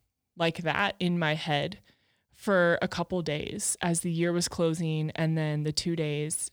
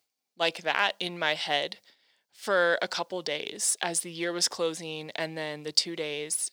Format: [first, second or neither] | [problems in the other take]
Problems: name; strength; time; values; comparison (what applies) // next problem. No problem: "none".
first | thin; very; fading below 450 Hz